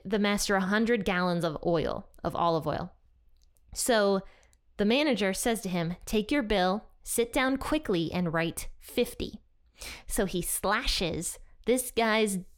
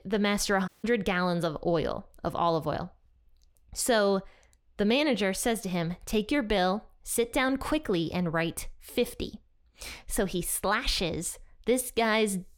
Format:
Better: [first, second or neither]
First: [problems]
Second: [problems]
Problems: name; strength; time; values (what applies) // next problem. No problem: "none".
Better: first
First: none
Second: audio cutting out; at 0.5 s